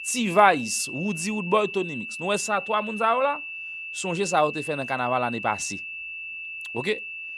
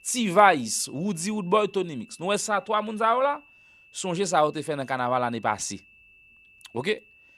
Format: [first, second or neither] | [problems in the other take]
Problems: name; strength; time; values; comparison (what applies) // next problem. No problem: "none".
second | high-pitched whine; loud; throughout; 2.5 kHz, 8 dB below the speech; faint in the second